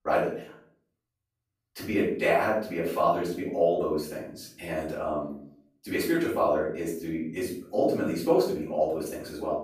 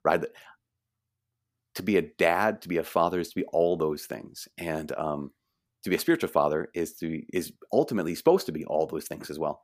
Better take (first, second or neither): second